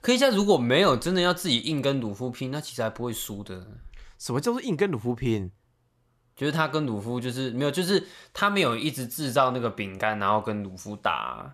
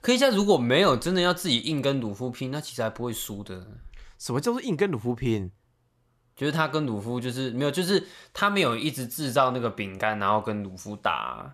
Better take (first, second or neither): neither